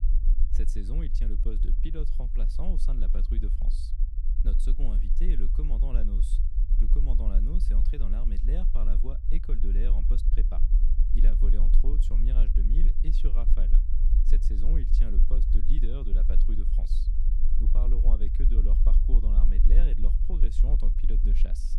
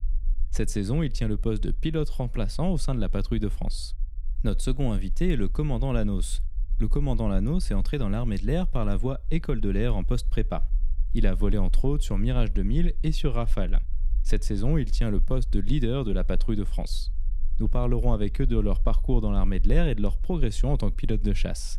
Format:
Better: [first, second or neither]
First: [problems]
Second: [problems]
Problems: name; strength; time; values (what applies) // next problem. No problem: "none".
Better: second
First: low rumble; loud; throughout; 5 dB below the speech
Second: low rumble; faint; throughout; 25 dB below the speech